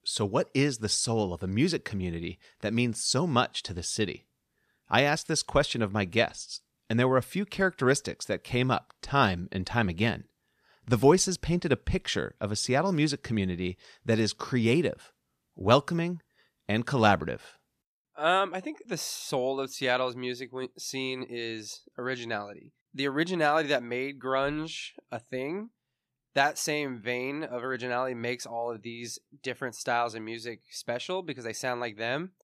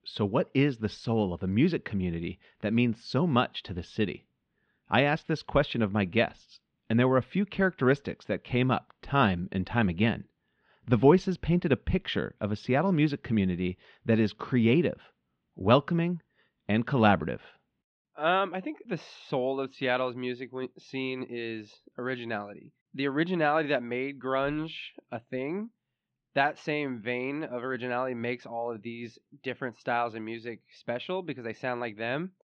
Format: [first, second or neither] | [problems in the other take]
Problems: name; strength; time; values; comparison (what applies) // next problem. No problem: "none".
first | muffled; slightly; fading above 3 kHz